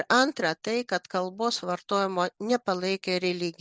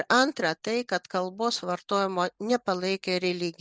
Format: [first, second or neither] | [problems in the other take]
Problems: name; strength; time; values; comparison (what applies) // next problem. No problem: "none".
first | noise reduction (neural mask model Resemble Enhance denoiser)